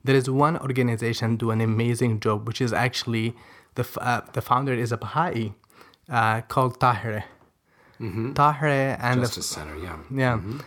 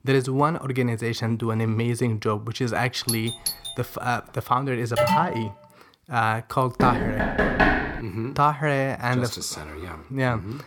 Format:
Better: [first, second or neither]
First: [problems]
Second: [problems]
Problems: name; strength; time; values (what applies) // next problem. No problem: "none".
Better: first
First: none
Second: doorbell; noticeable; at 3 s; peak 2 dB below the speech // alarm; loud; at 5 s; peak 3 dB above the speech // door banging; loud; from 7 to 8 s; peak 6 dB above the speech